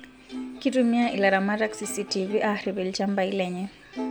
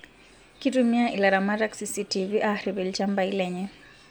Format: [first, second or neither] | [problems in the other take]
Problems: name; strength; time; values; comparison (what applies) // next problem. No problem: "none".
second | background sound (Plucked string instrument); 14 dB below the speech